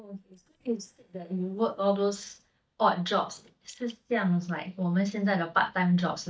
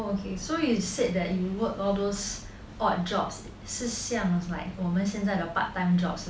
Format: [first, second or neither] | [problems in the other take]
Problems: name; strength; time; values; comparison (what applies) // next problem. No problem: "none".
second | noise reduction (neural mask model DeepFilterNet 3)